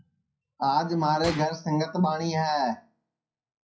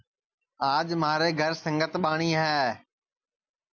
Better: second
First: noise reduction (classical method WPE with log-MMSE)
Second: none

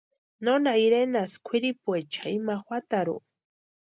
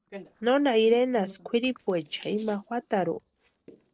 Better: first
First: none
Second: noise reduction (neural separator model SepFormer DNS4)

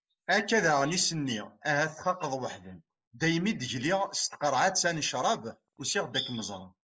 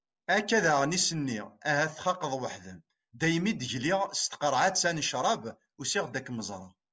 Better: second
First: noise reduction (neural mask model Resemble Enhance denoiser)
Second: none

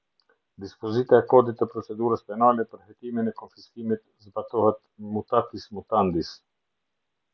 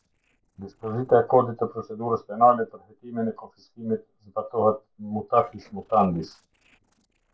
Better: first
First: none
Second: noise reduction (neural separator model SepFormer DNS4)

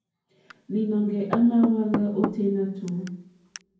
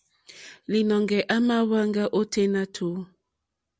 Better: second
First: background sound (Knock / Wood); 9 dB below the speech // room echo; dies away in 0.9 s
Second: none

